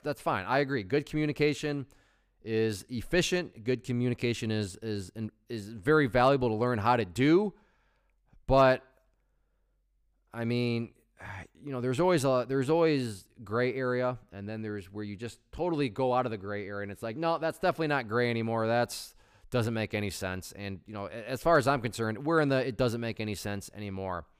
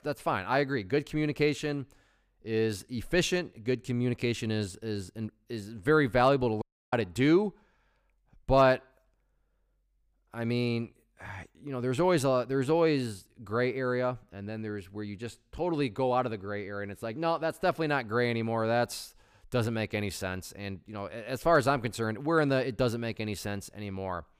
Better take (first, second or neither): first